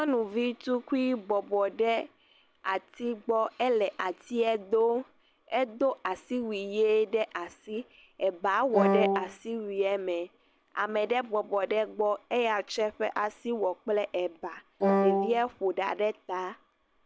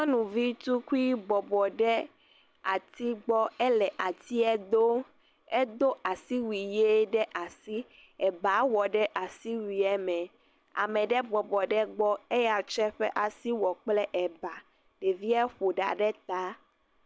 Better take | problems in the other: second | background sound (Wind instrument, woodwind instrument); 4 dB above the speech

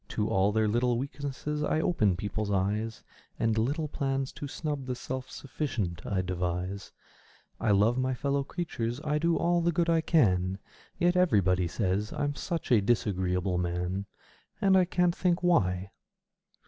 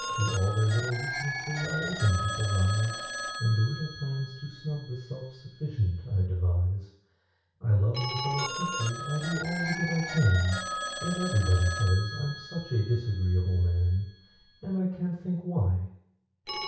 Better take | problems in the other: first | background sound (Telephone); 9 dB below the speech // room echo; dies away in 0.6 s

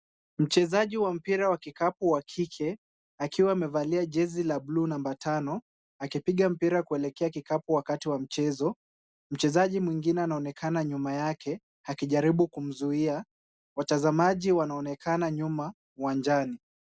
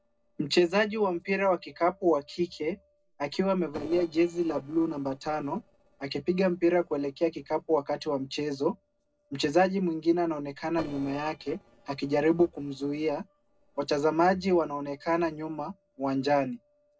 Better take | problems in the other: first | noise reduction (neural separator model SepFormer DNS4)

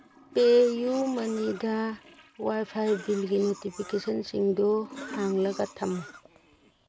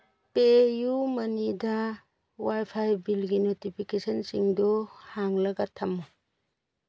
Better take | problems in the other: second | background sound (Toilet flush / Gurgling + Cough); 18 dB below the speech

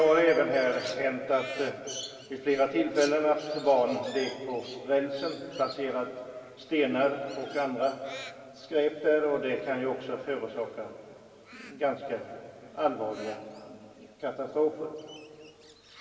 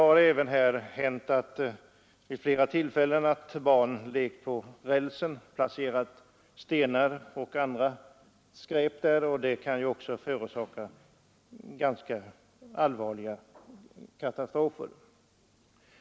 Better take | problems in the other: second | background sound (Crow); 18 dB below the speech // room echo; dies away in 2.3 s

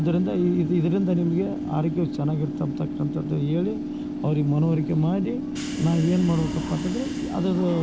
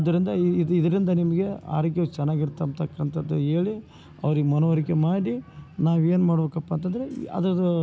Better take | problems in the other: second | background sound (Subway, metro, underground / Train); 6 dB below the speech

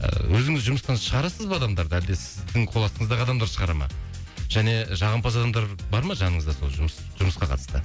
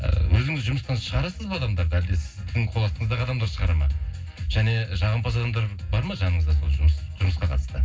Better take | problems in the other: first | room echo; dies away in 0.4 s

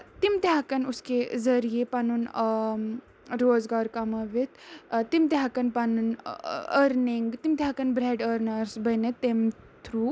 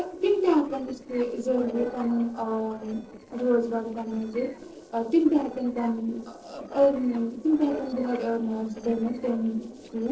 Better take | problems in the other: first | noise reduction (neural separator model SepFormer DNS4)

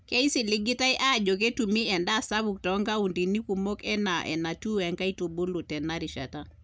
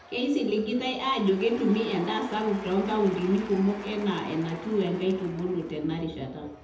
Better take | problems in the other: first | background sound (Applause / Crowd / Cheering); 17 dB below the speech // room echo; dies away in 0.7 s

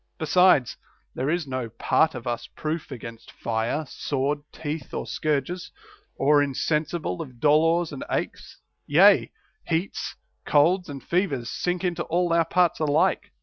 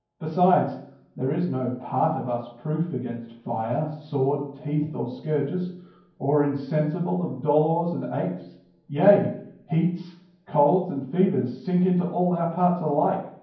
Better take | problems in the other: first | room echo; dies away in 0.9 s

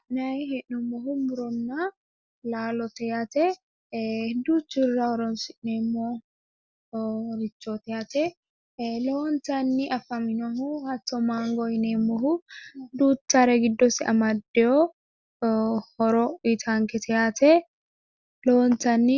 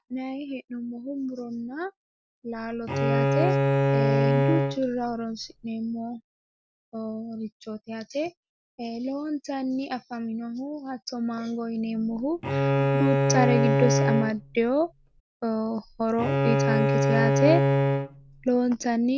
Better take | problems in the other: first | background sound (Bowed string instrument); 5 dB above the speech

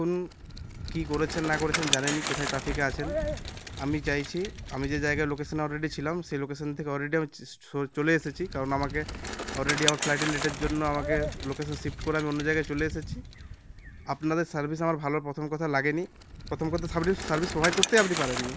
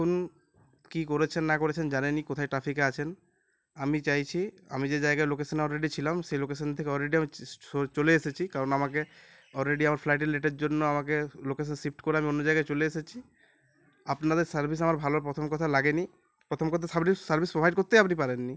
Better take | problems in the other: second | background sound (Bicycle); 6 dB below the speech

